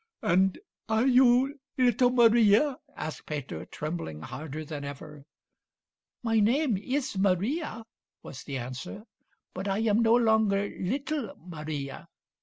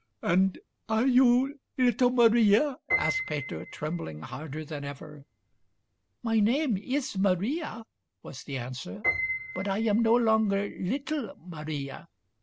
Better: first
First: none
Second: background sound (Piano); 12 dB below the speech

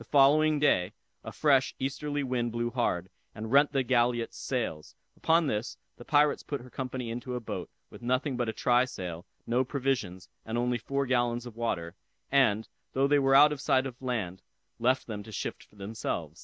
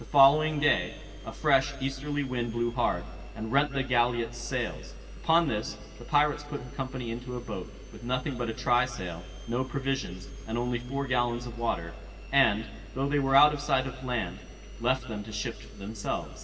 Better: first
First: none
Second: background sound (Engine); 13 dB below the speech // room echo; dies away in 1.8 s

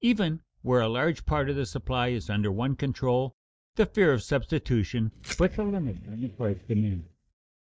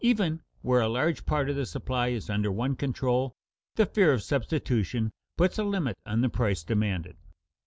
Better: second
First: noise reduction (neural mask model DeepFilterNet 3)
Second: none

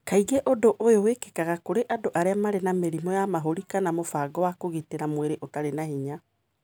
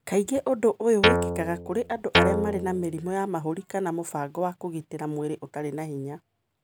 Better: first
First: none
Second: background sound (Guitar); 2 dB above the speech

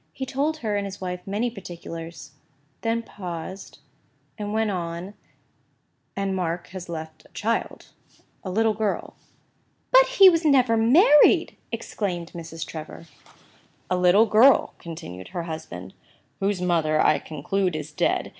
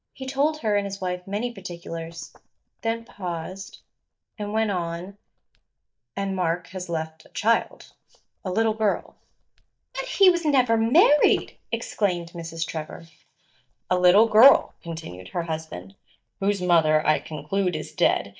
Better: first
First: none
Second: noise reduction (neural mask model DeepFilterNet 3)

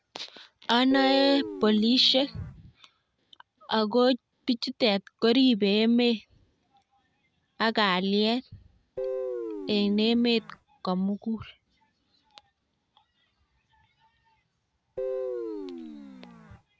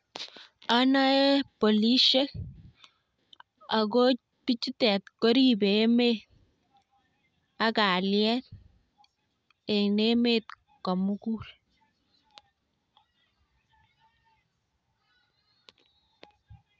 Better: second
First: background sound (Guitar); 8 dB below the speech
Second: none

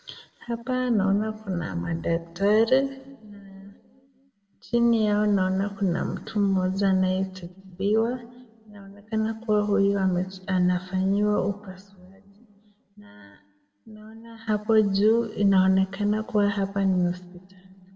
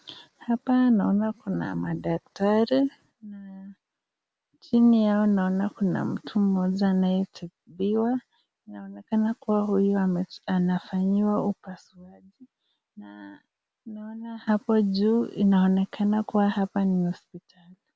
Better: second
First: room echo; dies away in 0.5 s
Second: none

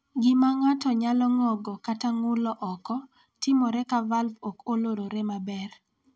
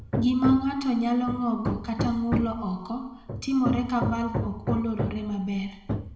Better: first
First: none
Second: background sound (Hammer); 5 dB below the speech // room echo; dies away in 0.8 s

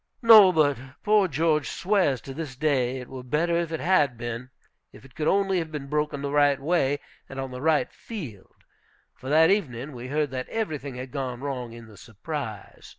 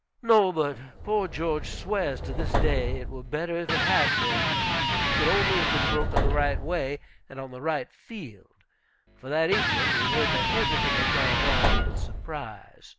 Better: first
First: none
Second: background sound (Electric guitar + Subway, metro, underground); 4 dB above the speech

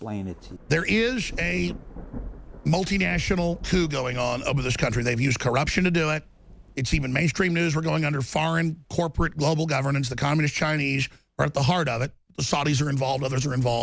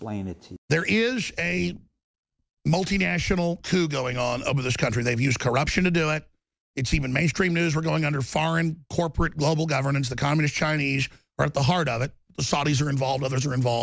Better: second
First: background sound (Thunder / Rain); 17 dB below the speech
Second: none

